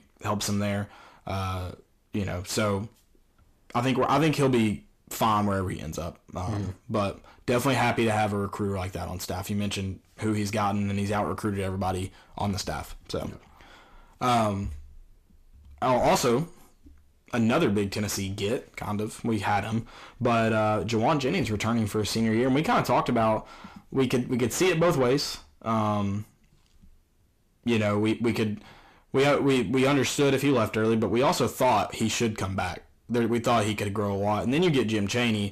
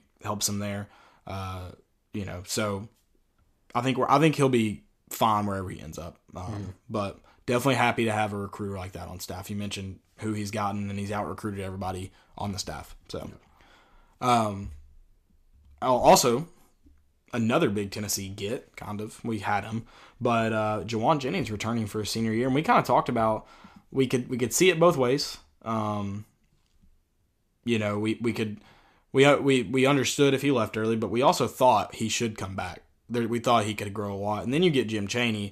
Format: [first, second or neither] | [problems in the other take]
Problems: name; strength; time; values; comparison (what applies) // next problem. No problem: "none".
second | distortion; heavy; 7 dB below the speech